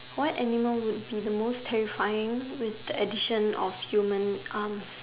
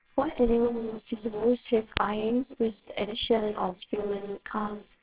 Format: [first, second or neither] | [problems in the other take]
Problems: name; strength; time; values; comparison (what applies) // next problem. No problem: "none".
first | noise reduction (neural separator model SepFormer WHAMR!)